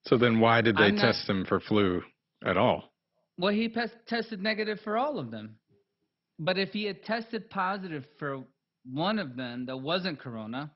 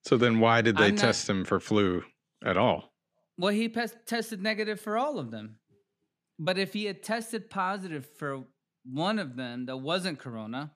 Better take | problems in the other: second | garbled, watery; badly; nothing above 5.5 kHz

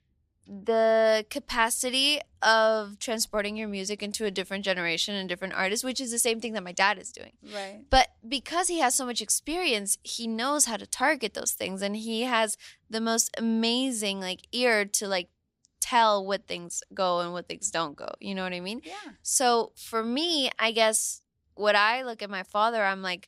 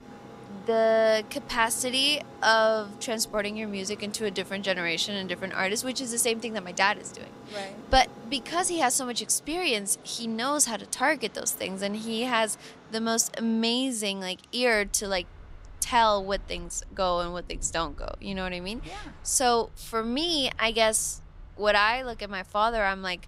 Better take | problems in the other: first | train or aircraft noise; faint; throughout; 20 dB below the speech

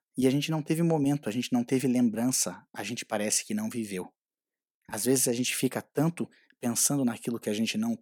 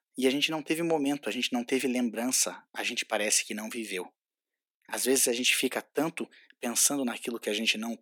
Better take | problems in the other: first | thin; very slightly; fading below 300 Hz

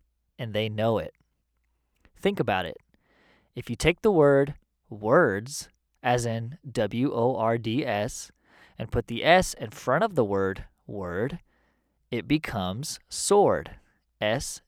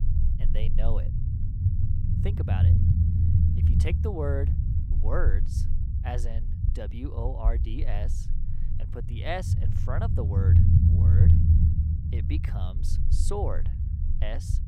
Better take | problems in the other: first | low rumble; loud; throughout; 2 dB below the speech

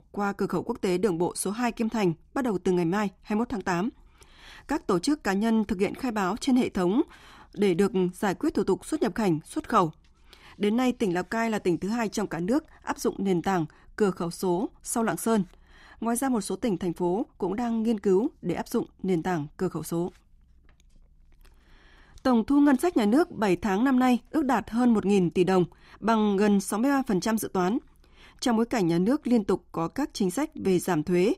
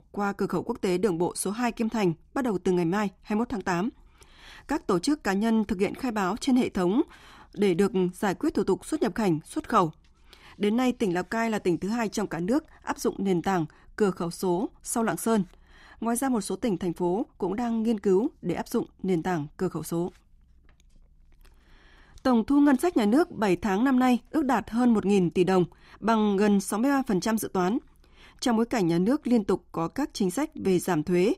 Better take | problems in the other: neither | none

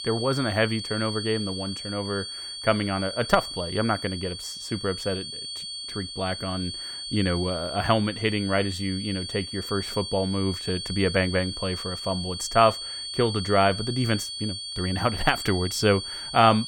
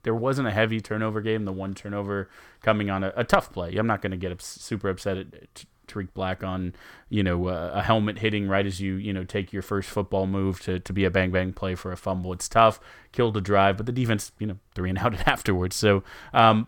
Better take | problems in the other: second | high-pitched whine; loud; throughout; 4.5 kHz, 6 dB below the speech

